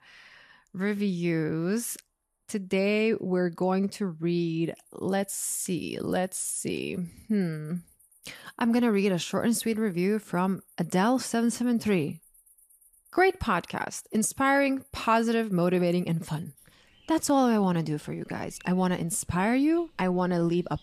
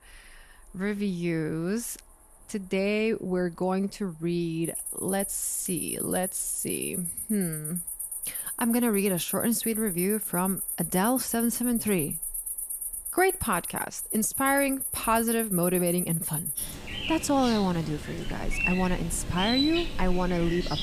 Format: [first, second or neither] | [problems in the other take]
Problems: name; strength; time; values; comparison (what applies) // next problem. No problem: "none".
first | animal sounds; loud; throughout; 3 dB below the speech; faint in the first